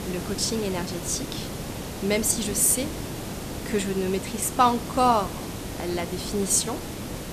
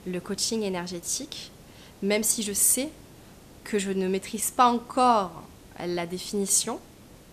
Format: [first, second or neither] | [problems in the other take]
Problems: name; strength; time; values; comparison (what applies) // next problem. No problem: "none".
second | hiss; loud; throughout; 9 dB below the speech; faint in the second